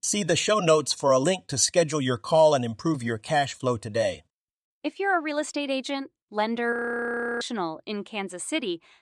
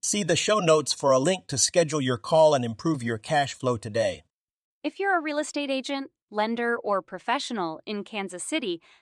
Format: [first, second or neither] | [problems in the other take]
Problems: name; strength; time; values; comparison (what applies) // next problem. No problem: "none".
second | audio freezing; at 6.5 s for 0.5 s